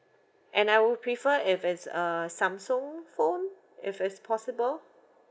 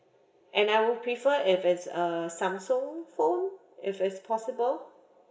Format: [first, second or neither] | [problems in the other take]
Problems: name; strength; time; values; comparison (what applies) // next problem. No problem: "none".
first | room echo; dies away in 0.6 s